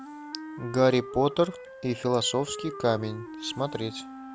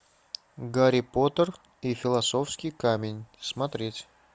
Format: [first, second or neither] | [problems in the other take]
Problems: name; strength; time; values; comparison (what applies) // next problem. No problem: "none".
second | background sound (Wind instrument, woodwind instrument); 13 dB below the speech